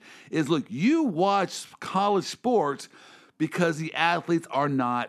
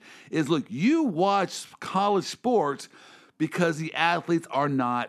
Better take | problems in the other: neither | none

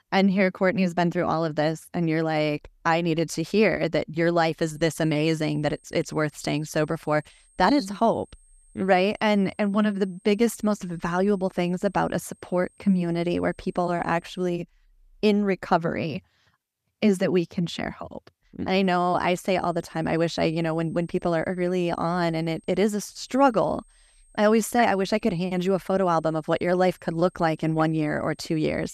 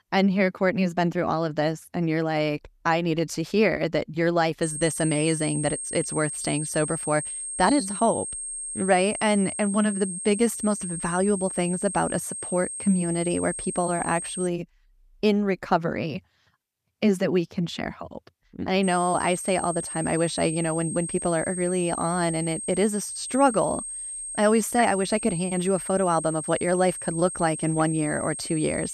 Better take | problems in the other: first | high-pitched whine; loud; from 4.5 to 14 s and from 19 s on; 8.5 kHz, 6 dB below the speech; faint in the first

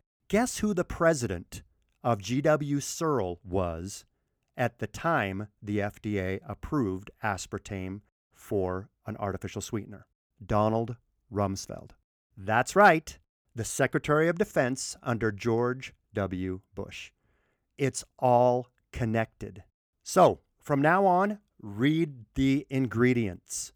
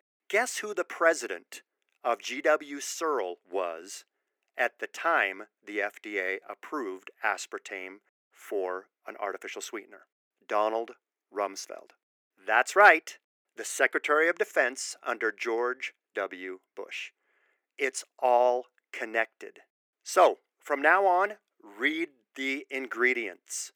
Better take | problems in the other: first | thin; very; fading below 350 Hz

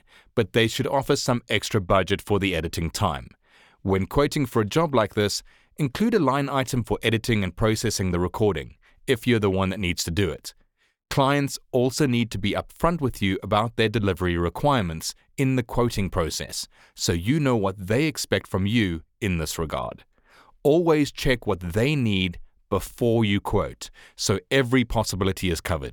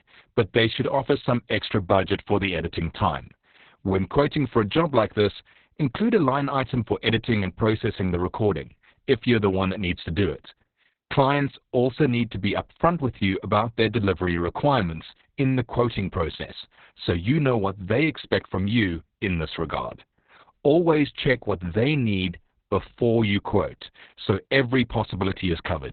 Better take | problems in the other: first | garbled, watery; badly; nothing above 4 kHz

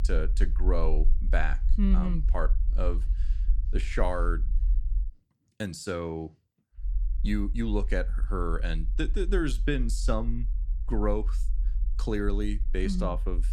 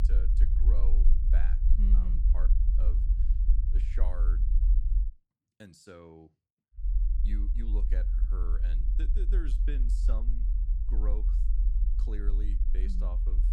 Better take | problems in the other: first | low rumble; loud; until 5 s and from 7 s on; 3 dB below the speech; faint in the first

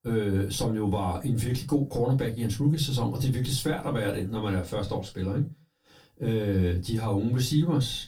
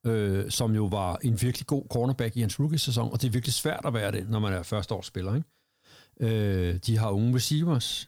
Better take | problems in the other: second | off-mic speech; far // room echo; very slight; dies away in 0.2 s

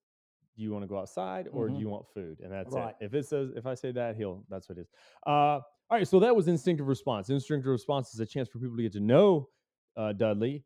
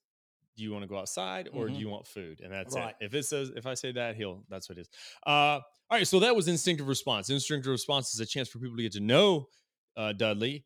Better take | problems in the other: second | muffled; very; fading above 2 kHz

